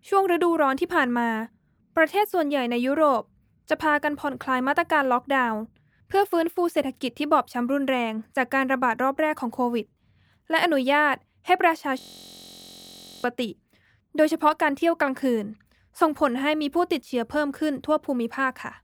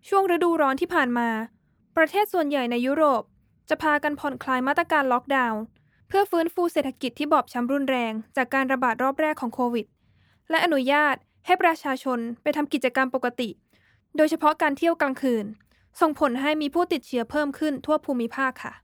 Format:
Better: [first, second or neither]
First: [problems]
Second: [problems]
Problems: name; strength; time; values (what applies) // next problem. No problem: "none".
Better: second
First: audio freezing; at 12 s for 1.5 s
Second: none